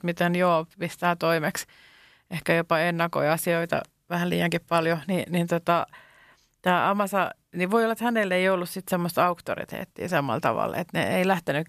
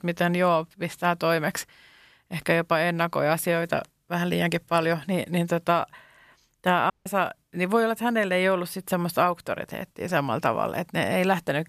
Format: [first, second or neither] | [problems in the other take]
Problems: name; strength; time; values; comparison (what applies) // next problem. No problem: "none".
first | audio cutting out; at 7 s